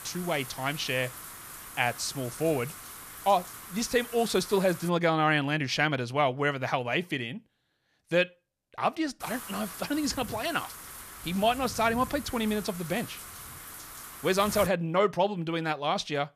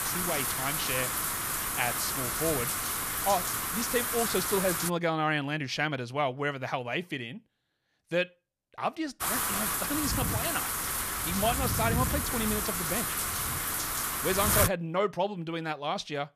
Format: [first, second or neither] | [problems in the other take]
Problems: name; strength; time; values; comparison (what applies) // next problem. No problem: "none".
first | wind noise on the microphone; heavy; until 5 s and from 9 to 15 s; as loud as the speech; occasional gusts in the first